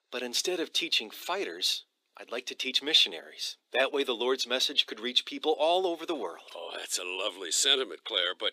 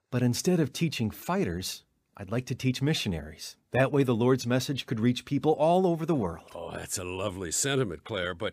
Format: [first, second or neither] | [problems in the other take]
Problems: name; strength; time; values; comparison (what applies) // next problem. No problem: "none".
second | thin; very; fading below 350 Hz